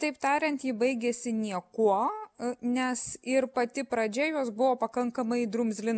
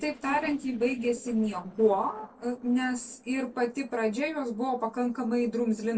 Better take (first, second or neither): first